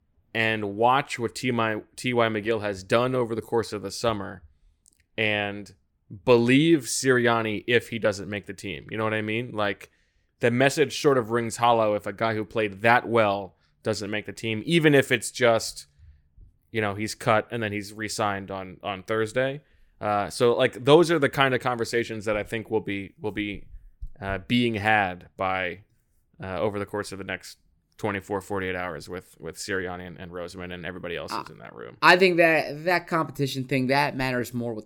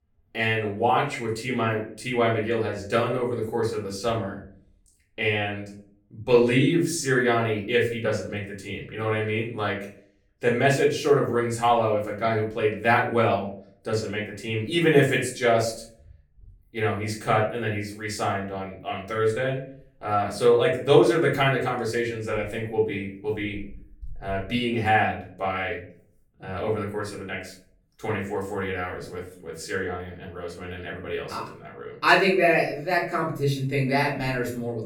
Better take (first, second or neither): first